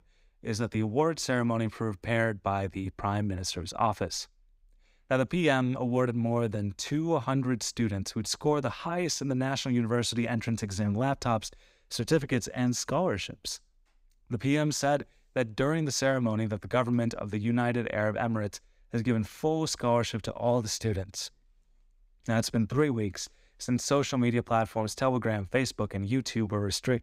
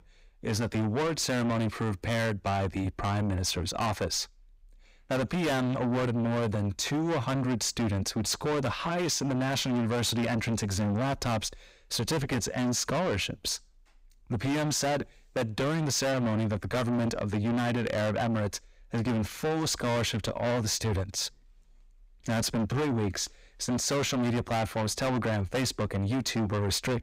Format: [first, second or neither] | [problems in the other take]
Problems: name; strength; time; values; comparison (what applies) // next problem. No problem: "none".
first | distortion; heavy; 6 dB below the speech